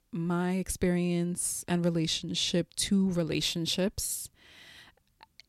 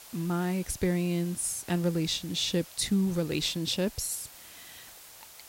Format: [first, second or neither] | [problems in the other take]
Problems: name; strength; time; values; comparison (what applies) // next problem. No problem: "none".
first | hiss; noticeable; throughout; 15 dB below the speech